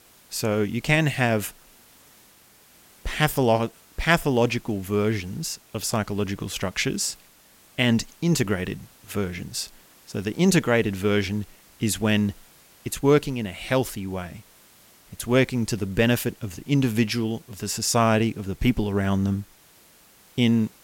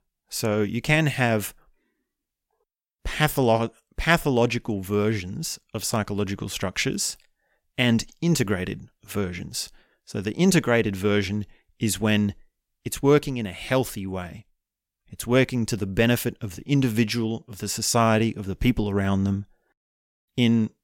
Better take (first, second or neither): second